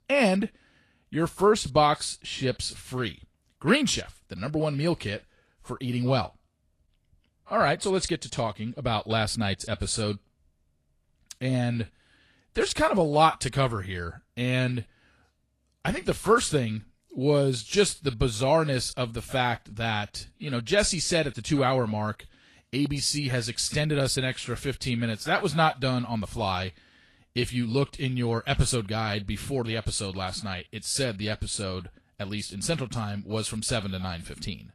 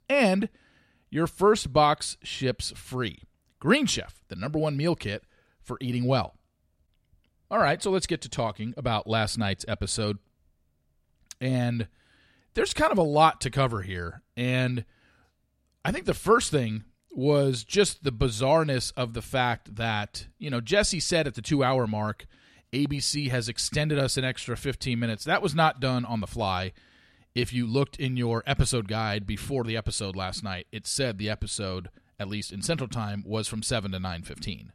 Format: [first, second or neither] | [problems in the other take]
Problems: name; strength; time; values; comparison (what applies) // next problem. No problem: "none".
second | garbled, watery; slightly; nothing above 10 kHz